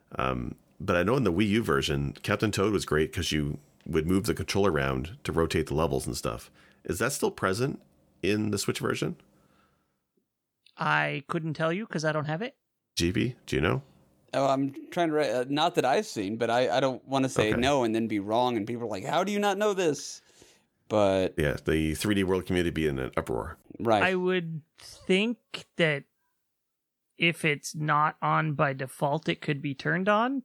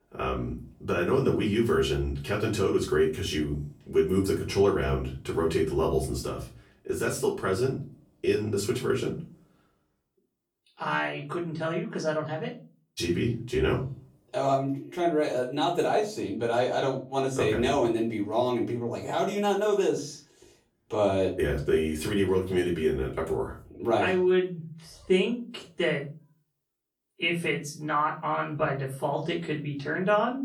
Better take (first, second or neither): first